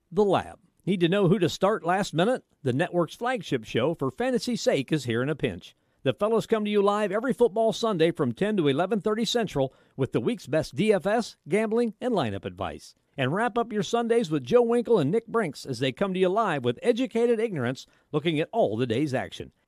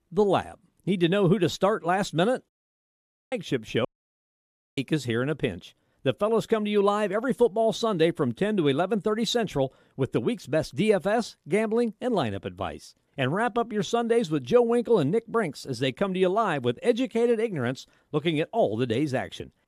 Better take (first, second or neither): first